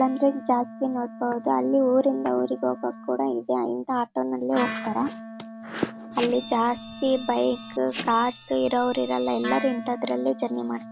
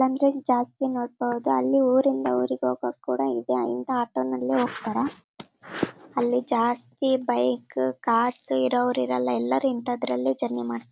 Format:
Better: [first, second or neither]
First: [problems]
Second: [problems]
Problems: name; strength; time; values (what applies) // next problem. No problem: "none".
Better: second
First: background sound (Printer + Wind instrument, woodwind instrument); 13 dB below the speech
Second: none